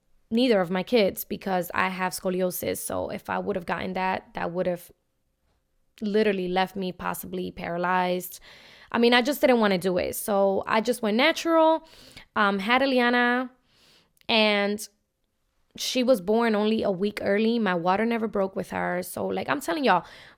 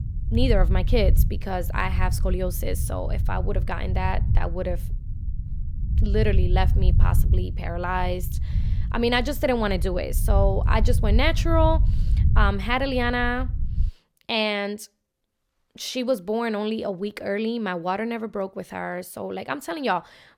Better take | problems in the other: first | low rumble; noticeable; until 14 s; 15 dB below the speech

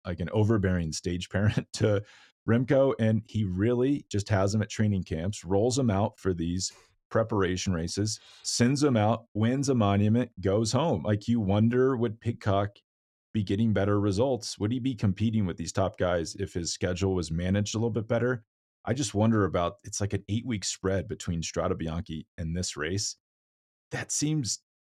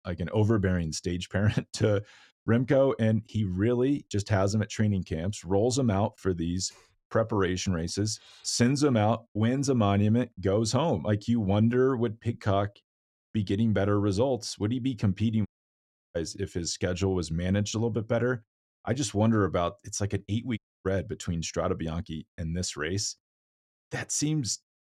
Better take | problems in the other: first | audio cutting out; at 15 s for 0.5 s and at 21 s

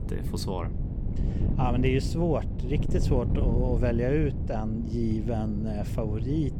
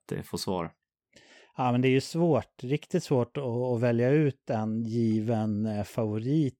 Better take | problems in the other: second | wind noise on the microphone; heavy; 8 dB below the speech

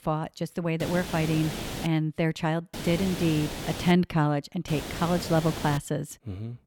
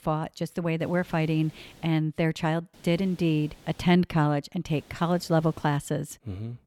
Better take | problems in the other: second | hiss; loud; from 1 to 2 s, from 2.5 to 4 s and from 4.5 to 6 s; 8 dB below the speech; faint in the second

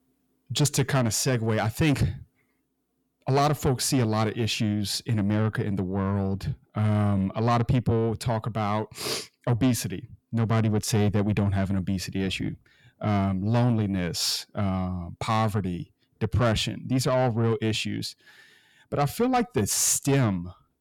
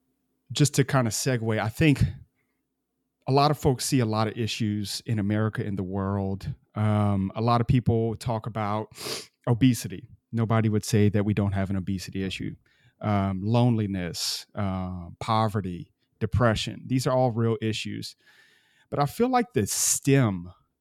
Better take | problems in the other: second | distortion; slight; 10 dB below the speech

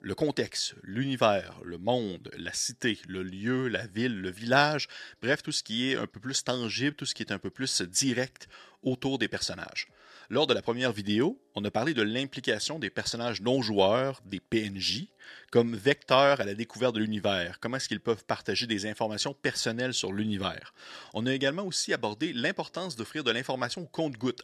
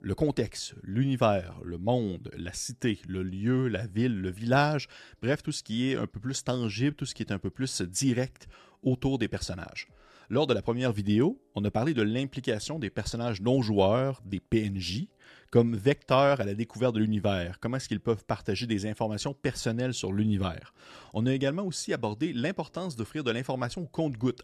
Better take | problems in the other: second | thin; very slightly; fading below 300 Hz

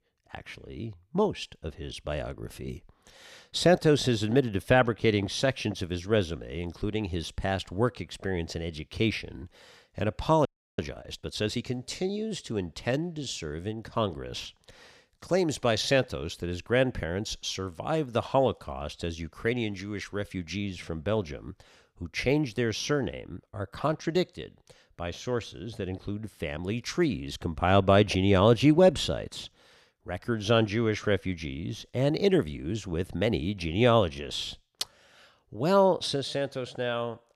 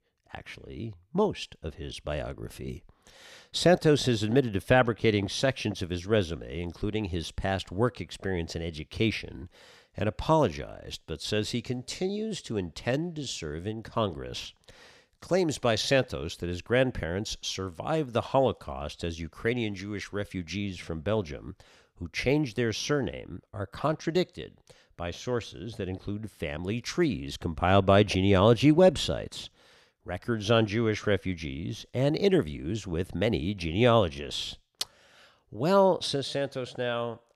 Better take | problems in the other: second | audio freezing; at 10 s

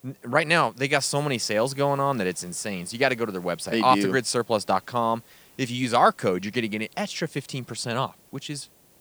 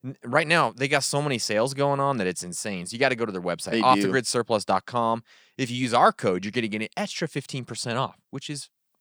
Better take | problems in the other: second | hiss; faint; throughout; 25 dB below the speech

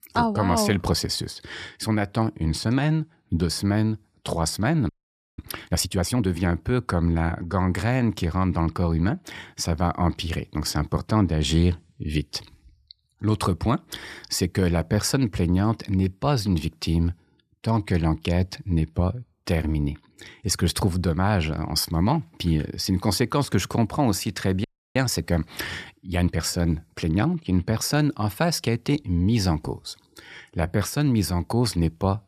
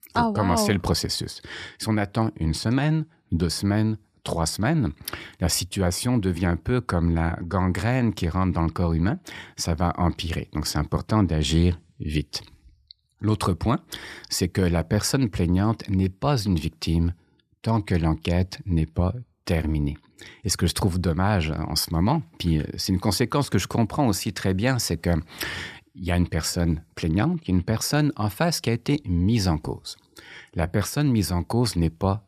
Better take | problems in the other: second | audio freezing; at 5 s and at 25 s

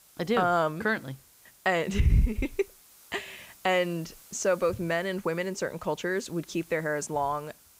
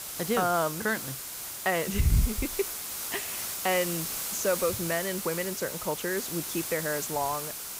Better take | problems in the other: first | hiss; loud; throughout; 3 dB below the speech; faint in the first

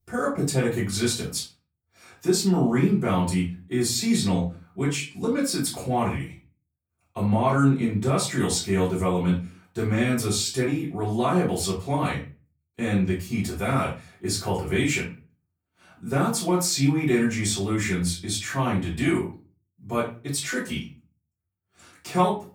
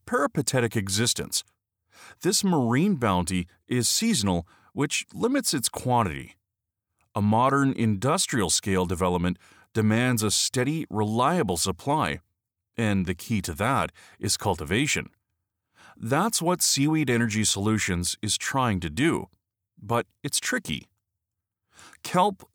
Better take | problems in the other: second | off-mic speech; far // room echo; slight; dies away in 0.3 s

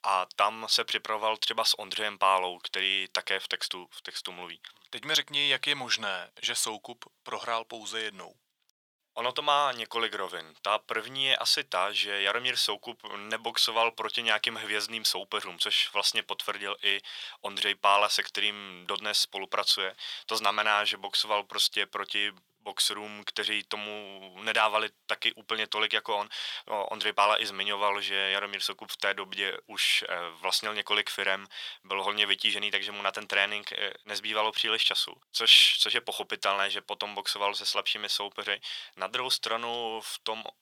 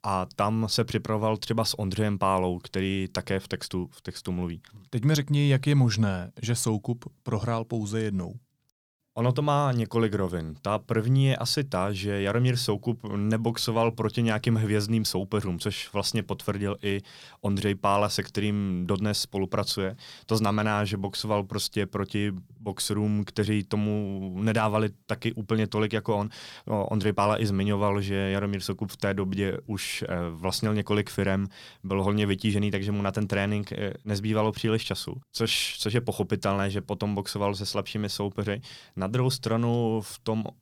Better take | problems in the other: second | thin; very; fading below 800 Hz

